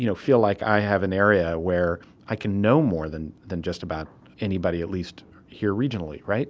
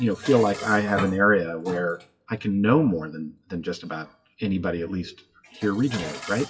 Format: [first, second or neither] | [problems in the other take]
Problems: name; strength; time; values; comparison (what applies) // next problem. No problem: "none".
first | noise reduction (classical method WPE with log-MMSE)